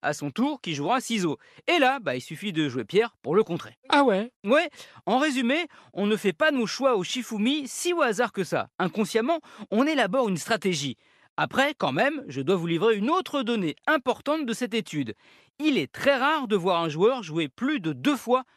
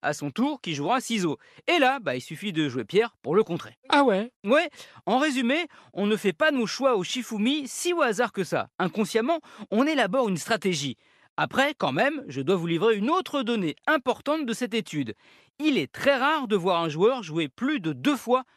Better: neither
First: none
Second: none

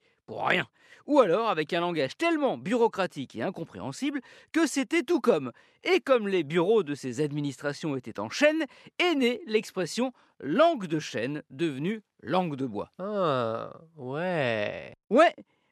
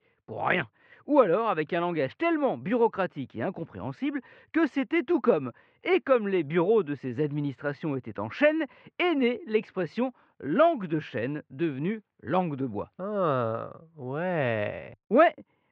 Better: first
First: none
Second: muffled; very; fading above 2.5 kHz

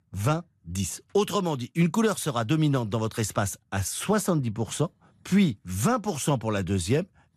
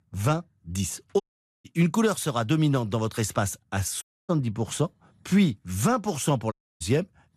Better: first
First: none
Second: audio cutting out; at 1 s, at 4 s and at 6.5 s

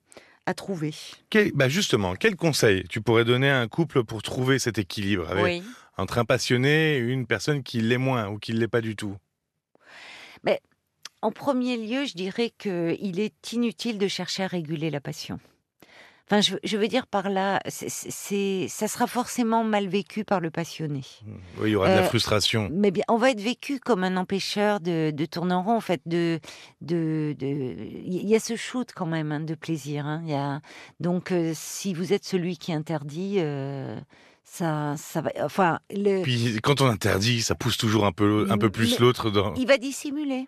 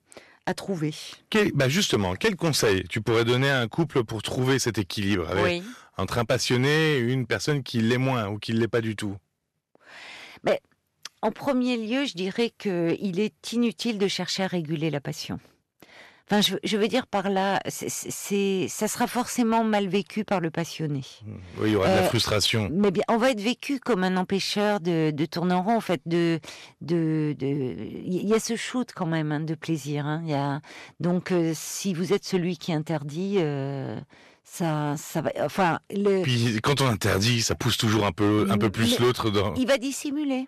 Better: first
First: none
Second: distortion; slight; 4% of the sound clipped

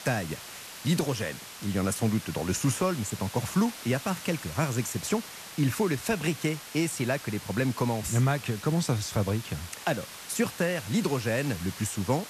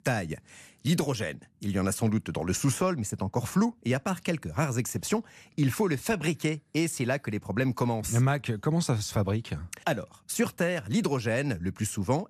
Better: second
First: hiss; noticeable; throughout; 10 dB below the speech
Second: none

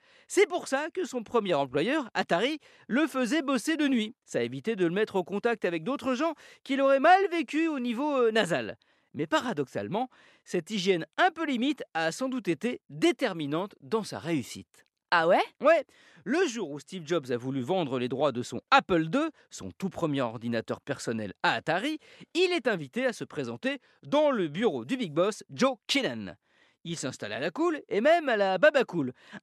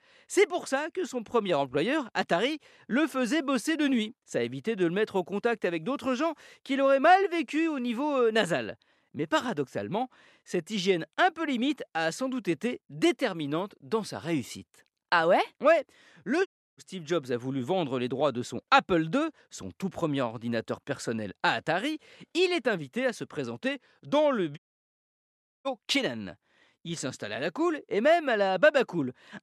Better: first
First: none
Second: audio cutting out; at 16 s and at 25 s for 1 s

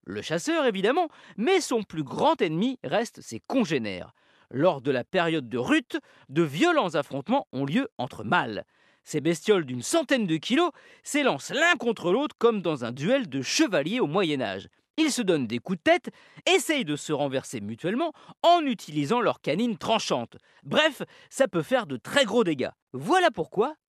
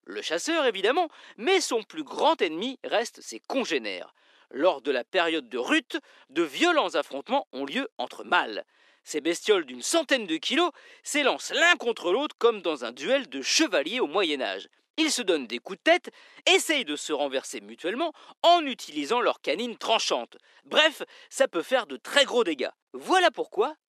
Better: first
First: none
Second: thin; somewhat; fading below 300 Hz

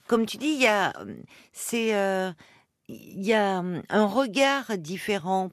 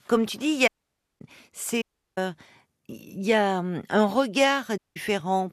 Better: first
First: none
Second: audio cutting out; at 0.5 s for 0.5 s, at 2 s and at 5 s

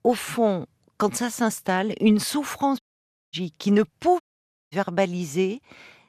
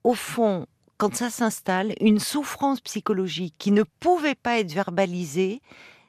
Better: second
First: audio cutting out; at 3 s for 0.5 s and at 4 s for 0.5 s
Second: none

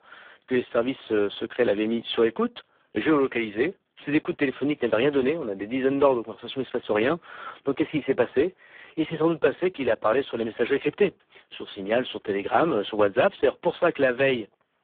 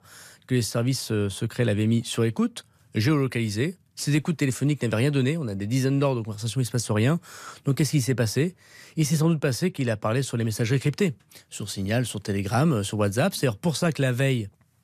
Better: second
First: phone-call audio; poor line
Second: none

